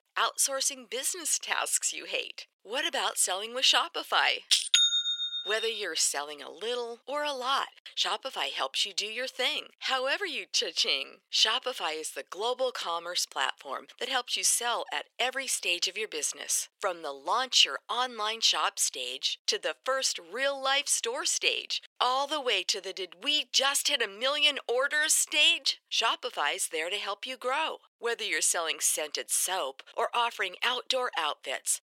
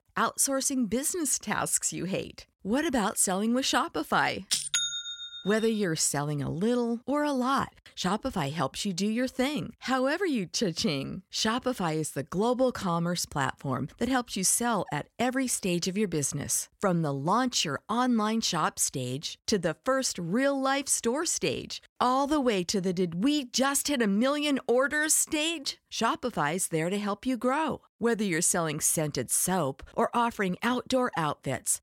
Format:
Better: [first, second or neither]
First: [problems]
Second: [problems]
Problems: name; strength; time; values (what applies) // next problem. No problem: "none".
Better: second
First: thin; very; fading below 450 Hz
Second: none